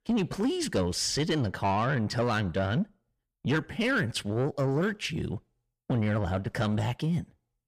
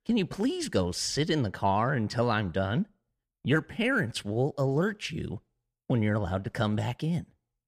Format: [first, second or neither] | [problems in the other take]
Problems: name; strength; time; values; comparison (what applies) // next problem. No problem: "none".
second | distortion; slight; 10 dB below the speech